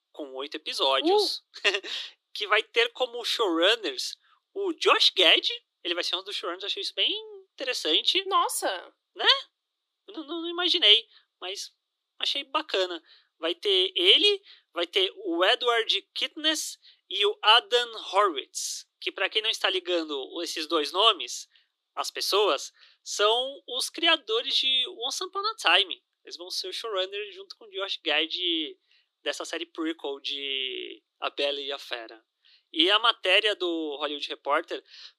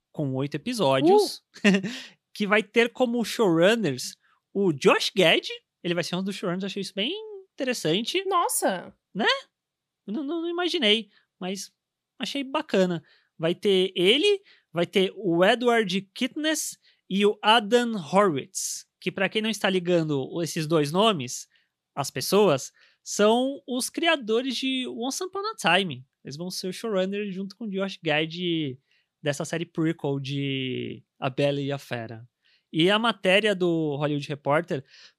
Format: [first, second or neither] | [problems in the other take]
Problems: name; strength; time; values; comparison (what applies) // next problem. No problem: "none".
second | thin; very; fading below 300 Hz